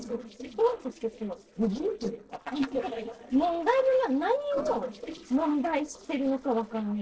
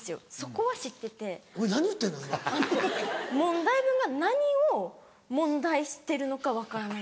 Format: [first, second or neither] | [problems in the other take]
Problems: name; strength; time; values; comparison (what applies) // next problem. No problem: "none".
second | noise reduction (neural separator model SepFormer DNS4)